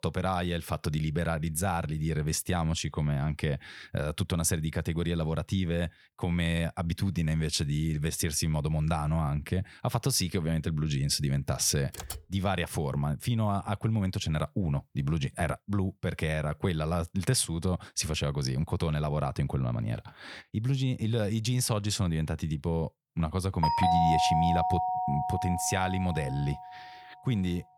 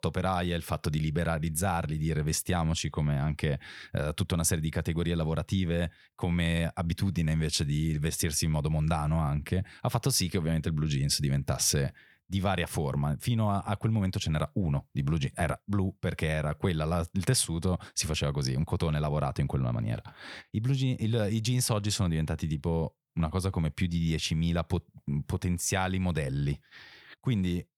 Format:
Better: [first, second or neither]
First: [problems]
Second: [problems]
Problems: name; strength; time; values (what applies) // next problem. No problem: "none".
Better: second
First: keyboard typing; noticeable; at 12 s; peak 10 dB below the speech // doorbell; loud; from 24 to 26 s; peak 5 dB above the speech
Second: none